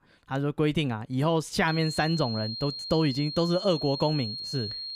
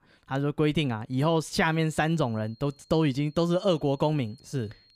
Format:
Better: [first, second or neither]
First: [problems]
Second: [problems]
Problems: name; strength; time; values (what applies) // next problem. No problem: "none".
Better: second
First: high-pitched whine; loud; from 1.5 s on; 4.5 kHz, 7 dB below the speech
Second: high-pitched whine; faint; from 1.5 s on; 4.5 kHz, 30 dB below the speech